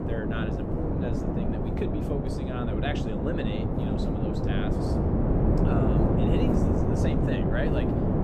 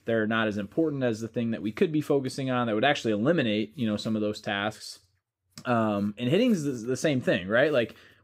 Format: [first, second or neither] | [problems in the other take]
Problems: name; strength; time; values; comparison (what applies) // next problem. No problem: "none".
second | wind noise on the microphone; heavy; 4 dB above the speech